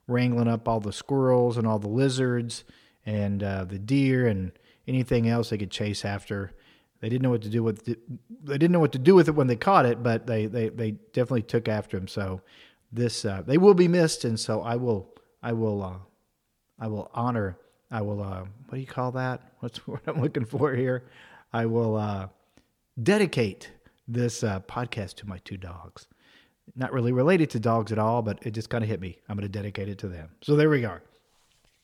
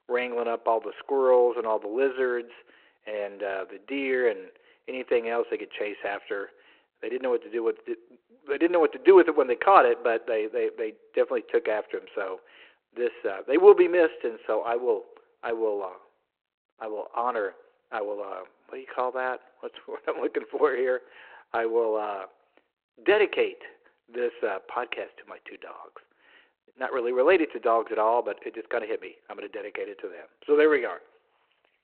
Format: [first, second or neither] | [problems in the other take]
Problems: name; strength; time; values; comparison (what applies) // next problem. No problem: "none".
first | phone-call audio